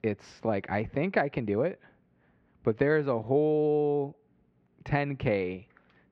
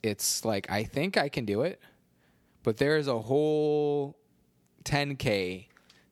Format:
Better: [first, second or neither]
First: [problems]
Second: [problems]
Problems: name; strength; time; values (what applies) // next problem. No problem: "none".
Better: second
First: muffled; very; fading above 2 kHz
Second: none